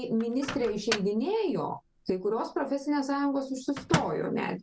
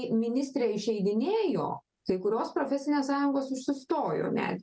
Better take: second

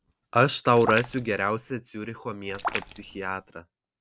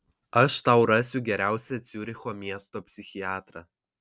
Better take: second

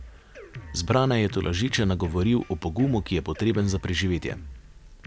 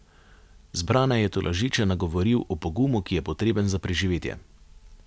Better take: second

